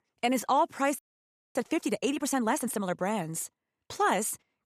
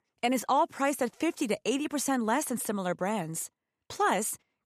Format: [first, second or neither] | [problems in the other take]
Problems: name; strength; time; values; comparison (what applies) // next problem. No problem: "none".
second | audio freezing; at 1 s for 0.5 s